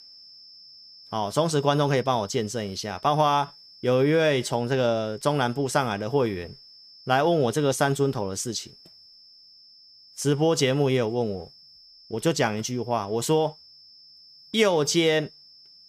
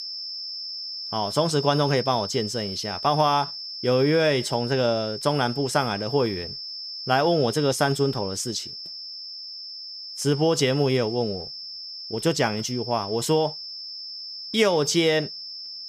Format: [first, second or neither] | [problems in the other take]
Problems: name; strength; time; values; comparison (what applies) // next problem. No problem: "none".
first | high-pitched whine; loud; throughout; 5.5 kHz, 9 dB below the speech; faint in the first